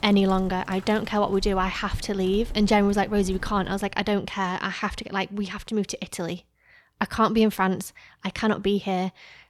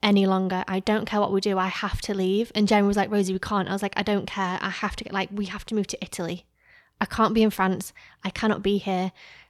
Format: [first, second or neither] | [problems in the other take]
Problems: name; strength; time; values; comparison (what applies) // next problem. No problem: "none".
second | animal sounds; noticeable; until 4 s; 15 dB below the speech